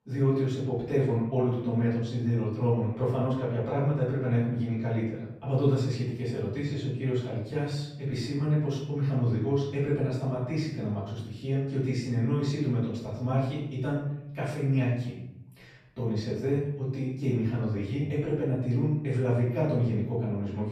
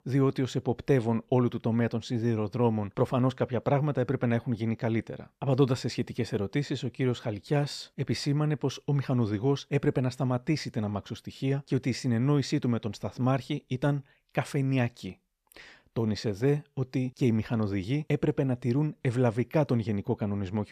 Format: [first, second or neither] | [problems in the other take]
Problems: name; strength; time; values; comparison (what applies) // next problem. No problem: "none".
second | off-mic speech; far // room echo; noticeable; dies away in 0.8 s